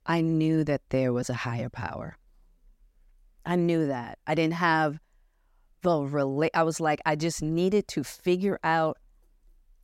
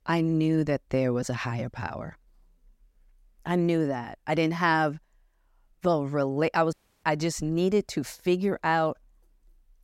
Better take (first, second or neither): first